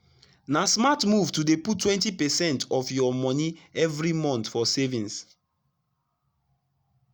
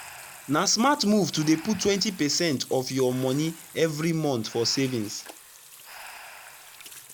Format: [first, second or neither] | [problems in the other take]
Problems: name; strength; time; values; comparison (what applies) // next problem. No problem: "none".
first | background sound (Breathing + Sink (filling or washing) / Water tap, faucet); 18 dB below the speech